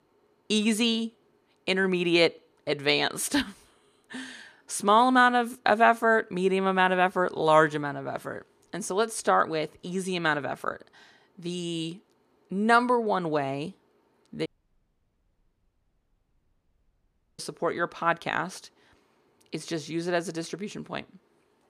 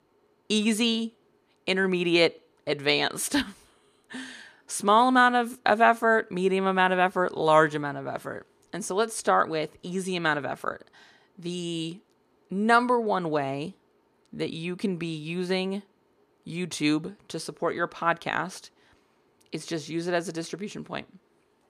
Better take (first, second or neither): second